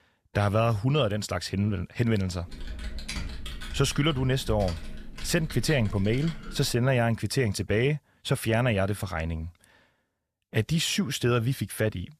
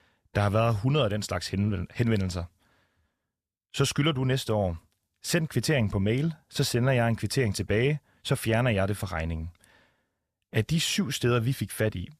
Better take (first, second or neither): second